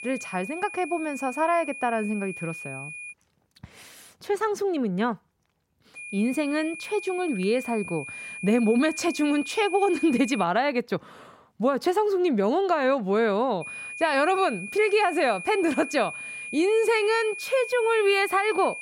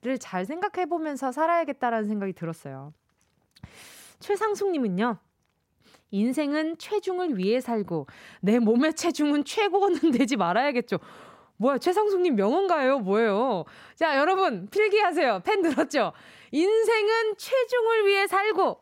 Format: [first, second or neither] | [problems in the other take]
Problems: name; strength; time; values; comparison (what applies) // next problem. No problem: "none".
second | high-pitched whine; noticeable; until 3 s, from 6 to 10 s and from 14 s on; 2.5 kHz, 10 dB below the speech